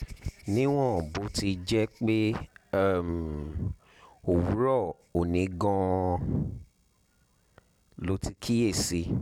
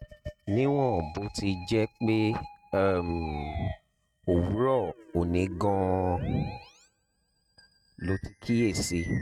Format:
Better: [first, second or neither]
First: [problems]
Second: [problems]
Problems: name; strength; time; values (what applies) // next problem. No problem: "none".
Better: first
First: none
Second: noise reduction (neural mask model RNNoise)